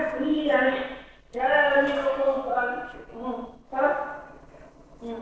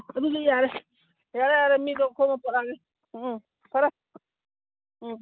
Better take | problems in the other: second | noise reduction (neural separator model SepFormer DNS4)

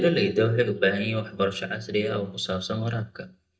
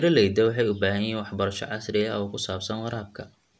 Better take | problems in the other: second | noise reduction (neural mask model DeepFilterNet 3)

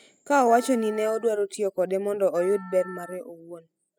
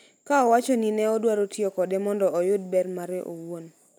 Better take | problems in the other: second | noise reduction (classical method spectral subtraction)

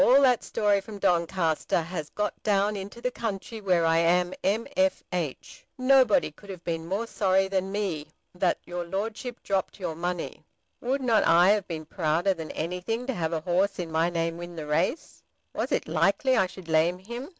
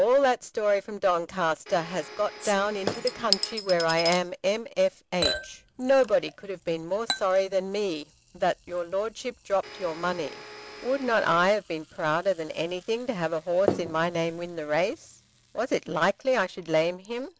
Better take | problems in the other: first | background sound (Domestic sounds, home sounds + Chink, clink / Liquid); 11 dB below the speech

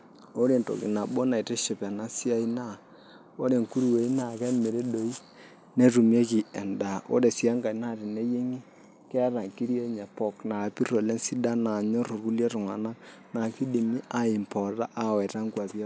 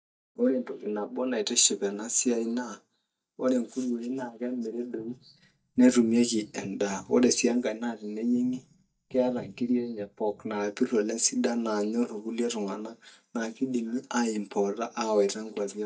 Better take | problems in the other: first | noise reduction (neural mask model DeepFilterNet 3)

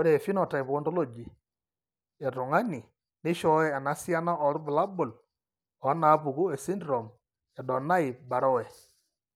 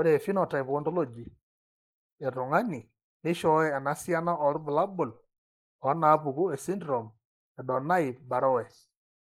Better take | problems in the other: first | noise reduction (neural mask model Resemble Enhance denoiser)

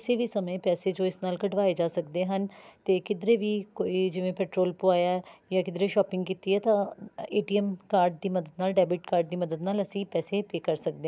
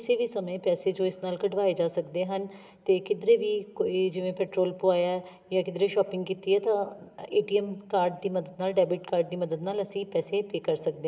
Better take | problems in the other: first | room echo; dies away in 1.7 s

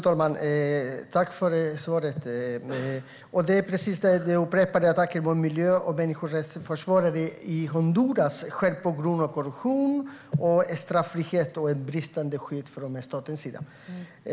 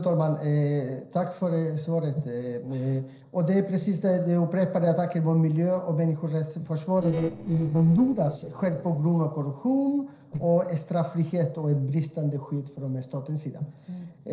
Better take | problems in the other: first | noise reduction (neural separator model SepFormer DNS4)

